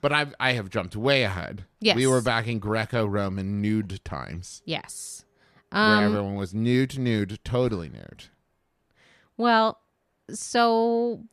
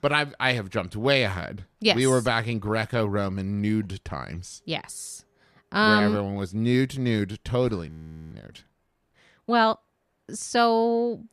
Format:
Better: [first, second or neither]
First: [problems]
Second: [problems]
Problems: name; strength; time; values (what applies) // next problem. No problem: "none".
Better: first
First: none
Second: audio freezing; at 8 s